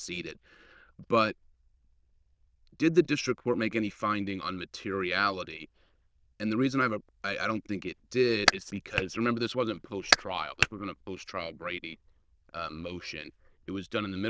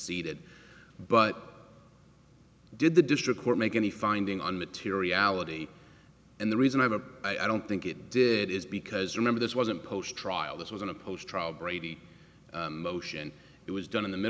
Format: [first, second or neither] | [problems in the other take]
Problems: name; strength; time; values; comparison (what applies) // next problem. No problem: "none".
second | noise reduction (neural diffusion model UNIVERSE++)